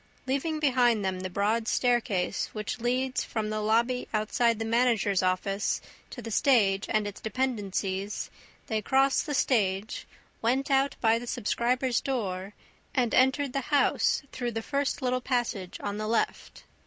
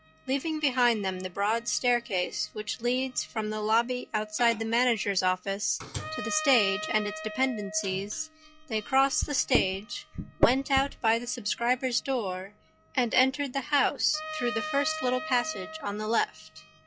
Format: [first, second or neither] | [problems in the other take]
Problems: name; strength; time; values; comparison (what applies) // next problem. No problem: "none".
first | noise reduction (classical method log-MMSE)